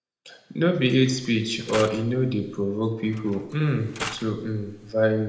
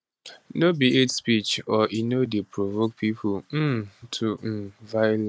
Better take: second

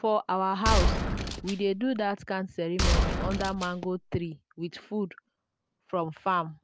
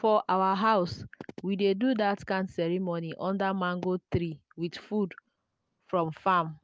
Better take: second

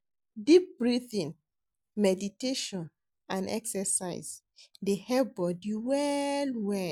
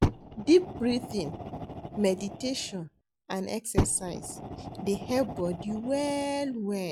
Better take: first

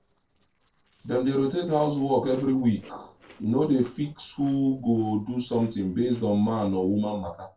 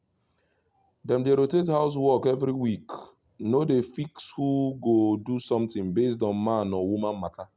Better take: second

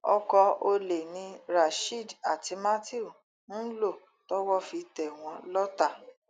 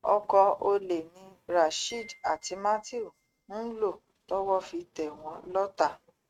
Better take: first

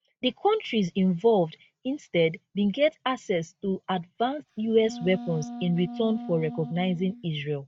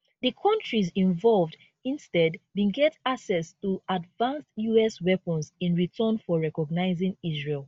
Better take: second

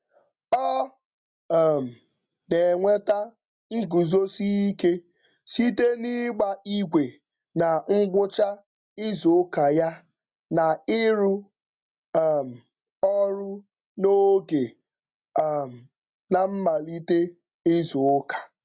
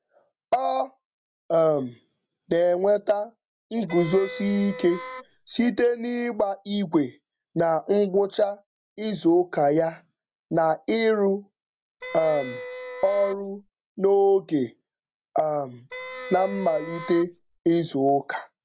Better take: first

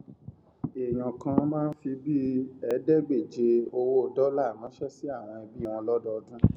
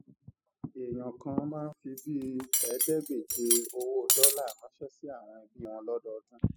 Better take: first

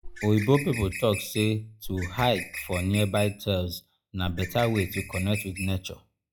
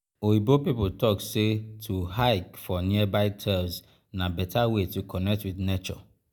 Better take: second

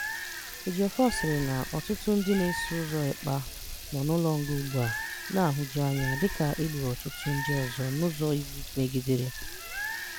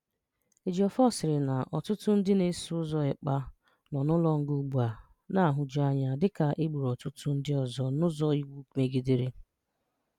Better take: second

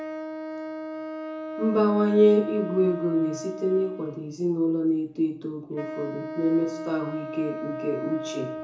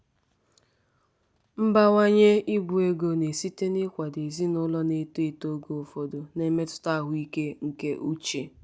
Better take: second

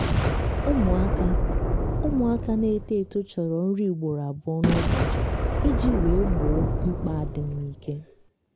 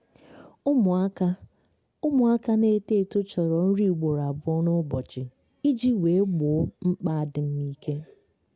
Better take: second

